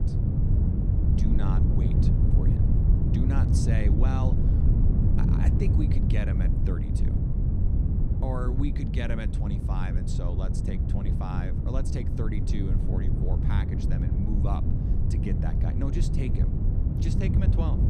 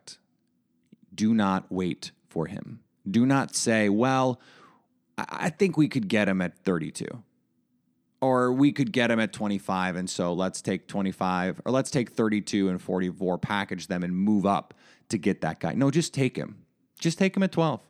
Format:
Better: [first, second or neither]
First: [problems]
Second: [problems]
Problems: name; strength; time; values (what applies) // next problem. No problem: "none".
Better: second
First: wind noise on the microphone; heavy; 1 dB above the speech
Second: none